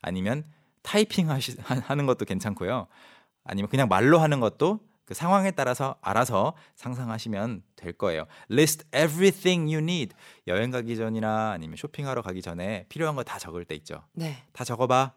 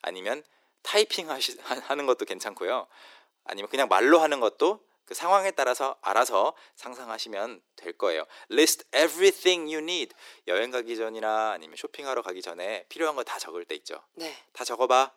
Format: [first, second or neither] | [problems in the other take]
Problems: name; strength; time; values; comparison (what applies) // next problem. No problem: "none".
first | thin; very; fading below 350 Hz